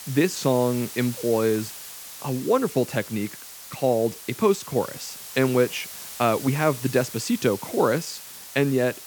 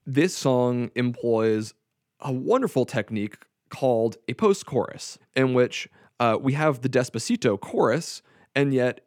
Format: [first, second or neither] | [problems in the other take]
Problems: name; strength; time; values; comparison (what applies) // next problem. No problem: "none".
second | hiss; noticeable; throughout; 10 dB below the speech